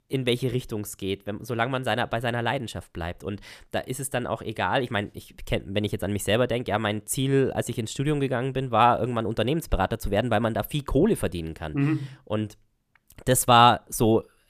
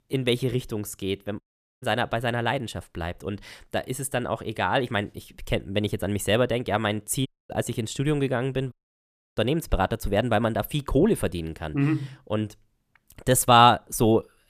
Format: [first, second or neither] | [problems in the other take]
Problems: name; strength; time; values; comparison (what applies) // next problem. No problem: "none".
first | audio cutting out; at 1.5 s, at 7.5 s and at 8.5 s for 0.5 s